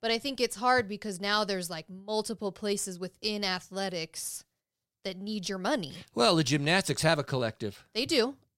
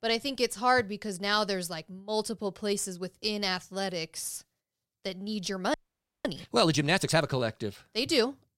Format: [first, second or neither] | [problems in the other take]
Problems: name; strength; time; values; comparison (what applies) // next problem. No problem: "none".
first | audio freezing; at 5.5 s for 0.5 s